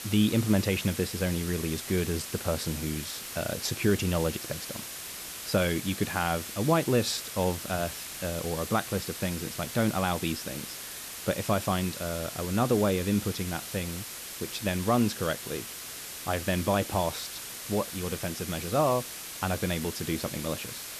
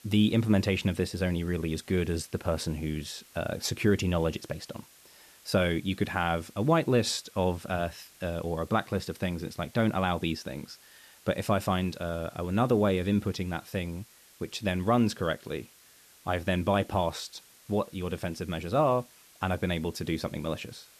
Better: second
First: hiss; loud; throughout; 7 dB below the speech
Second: hiss; faint; throughout; 25 dB below the speech

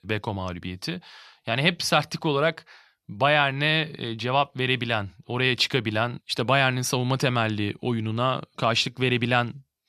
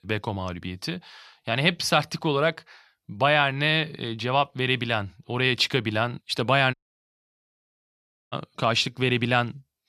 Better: first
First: none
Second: audio cutting out; at 6.5 s for 1.5 s

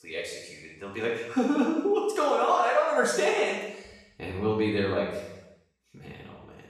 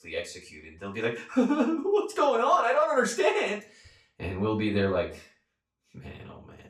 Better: second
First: room echo; strong; dies away in 0.8 s // off-mic speech; far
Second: room echo; slight; dies away in 0.3 s // off-mic speech; far

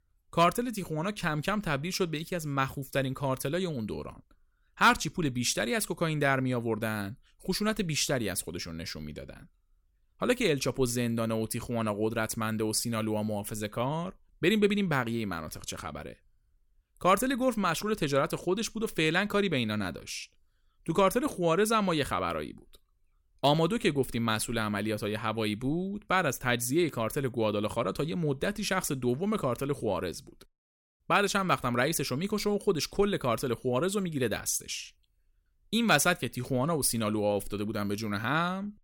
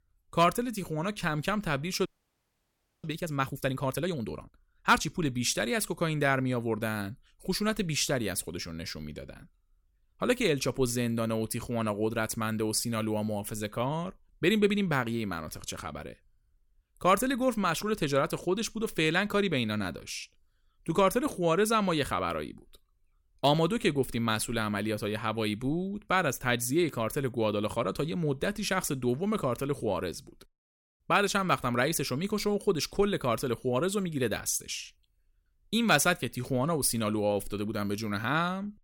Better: first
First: none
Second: audio freezing; at 2 s for 1 s

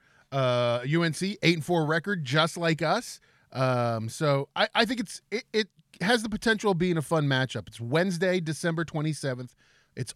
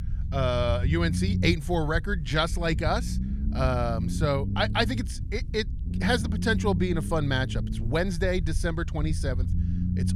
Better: first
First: none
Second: low rumble; noticeable; throughout; 15 dB below the speech

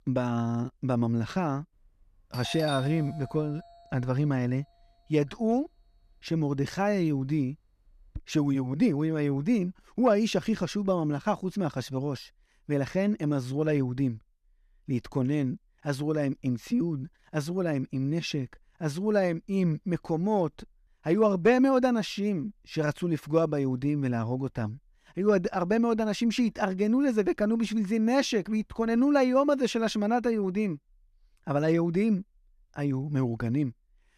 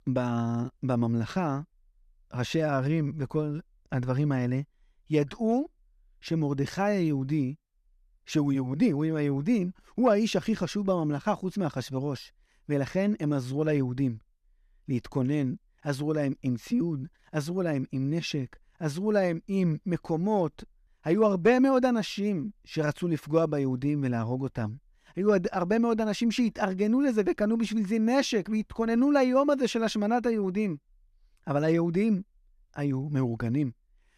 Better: second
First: doorbell; noticeable; from 2.5 to 8 s; peak 8 dB below the speech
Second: none

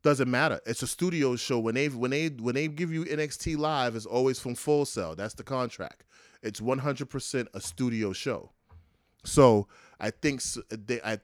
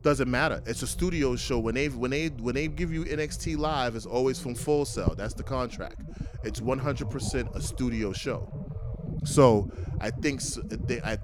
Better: first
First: none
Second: low rumble; noticeable; throughout; 15 dB below the speech

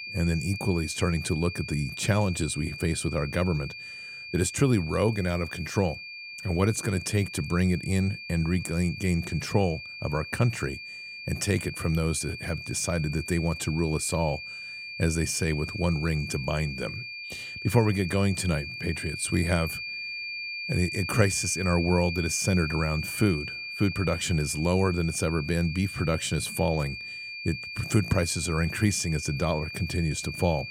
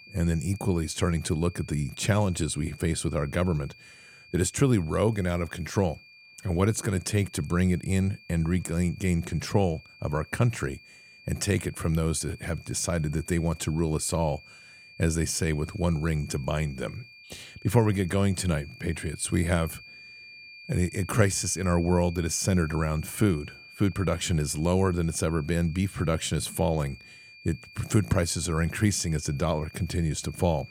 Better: second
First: high-pitched whine; loud; throughout; 2.5 kHz, 8 dB below the speech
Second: high-pitched whine; faint; throughout; 2.5 kHz, 20 dB below the speech

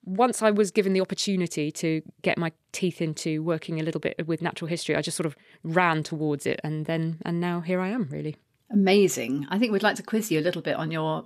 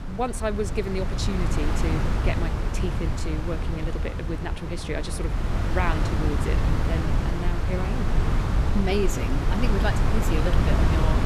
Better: first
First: none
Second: wind noise on the microphone; heavy; as loud as the speech

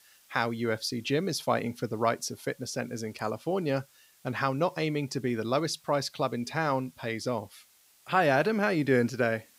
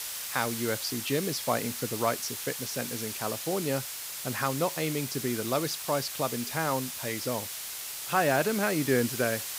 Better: first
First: hiss; faint; throughout; 30 dB below the speech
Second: hiss; loud; throughout; 4 dB below the speech

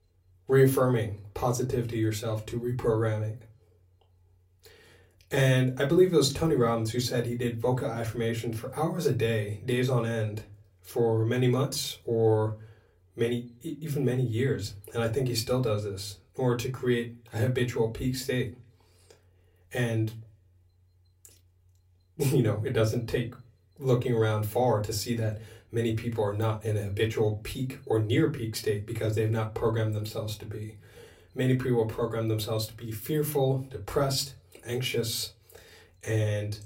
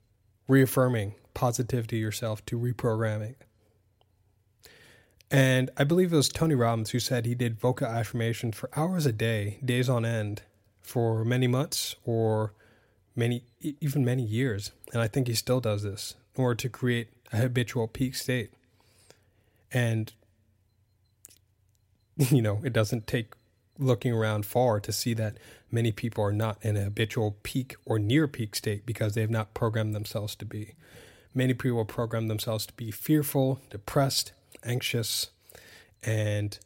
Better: second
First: off-mic speech; somewhat distant // room echo; very slight; dies away in 0.2 s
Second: none

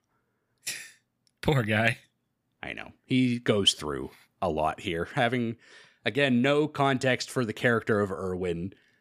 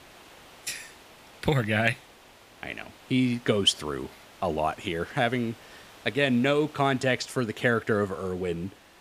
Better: first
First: none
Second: hiss; faint; throughout; 25 dB below the speech

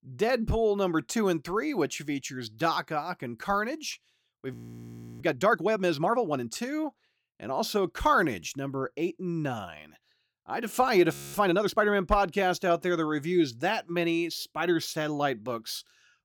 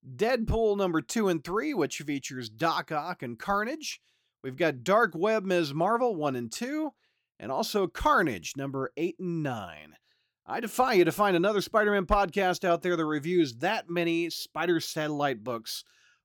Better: second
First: audio freezing; at 4.5 s for 0.5 s and at 11 s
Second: none

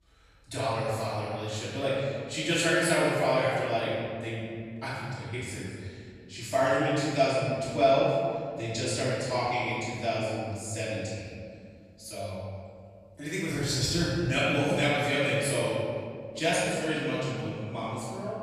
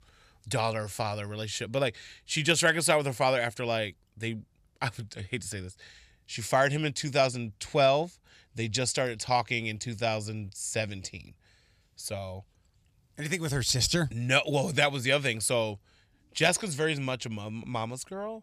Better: second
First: off-mic speech; far // room echo; strong; dies away in 2.1 s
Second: none

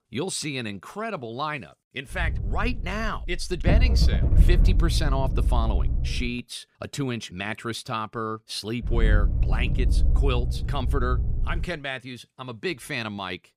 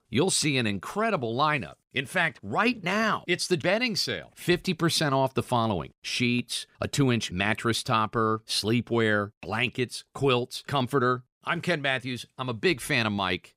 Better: second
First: low rumble; loud; from 2 to 6.5 s and from 9 to 12 s; 9 dB below the speech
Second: none

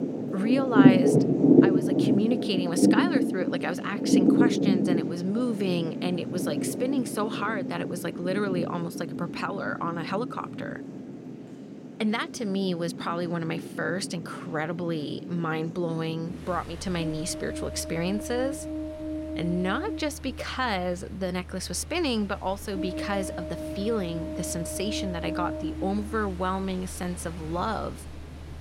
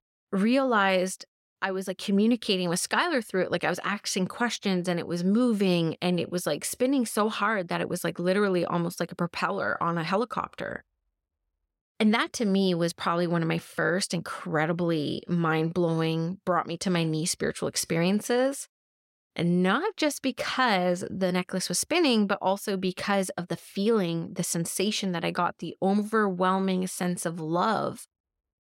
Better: second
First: rain or running water; very loud; throughout; 3 dB above the speech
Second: none

